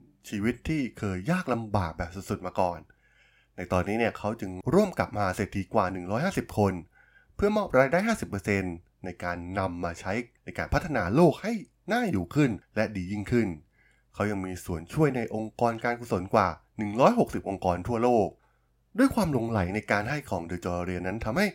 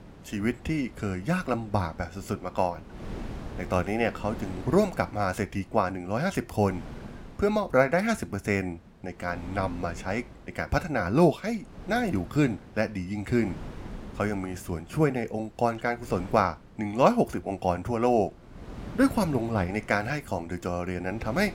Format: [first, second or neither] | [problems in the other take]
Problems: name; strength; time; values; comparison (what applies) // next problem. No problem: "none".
first | wind noise on the microphone; occasional gusts; 20 dB below the speech